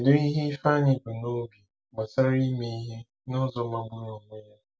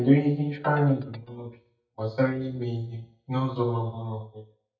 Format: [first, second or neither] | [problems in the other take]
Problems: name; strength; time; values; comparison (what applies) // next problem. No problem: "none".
first | noise reduction (neural mask model DeepFilterNet 3)